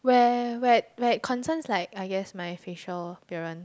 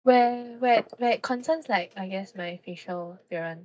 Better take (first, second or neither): first